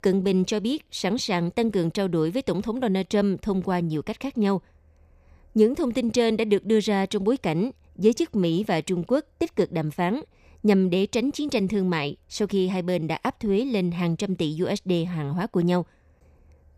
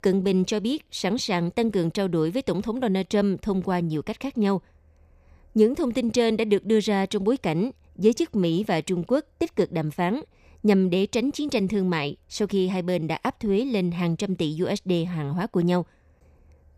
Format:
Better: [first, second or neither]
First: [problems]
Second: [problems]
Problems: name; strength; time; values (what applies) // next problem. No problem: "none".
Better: neither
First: none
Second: none